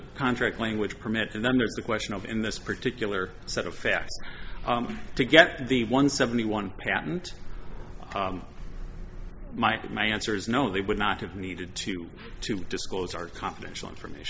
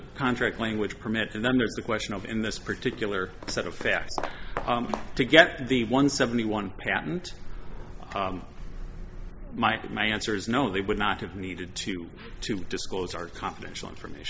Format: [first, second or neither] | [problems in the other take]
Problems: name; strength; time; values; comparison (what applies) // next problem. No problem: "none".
first | background sound (Walk, footsteps); 11 dB below the speech